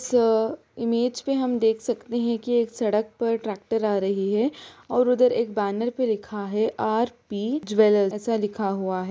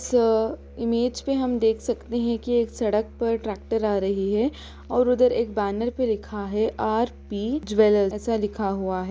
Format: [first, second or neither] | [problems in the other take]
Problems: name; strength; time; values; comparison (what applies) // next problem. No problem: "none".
first | background sound (Musical instrument); 20 dB below the speech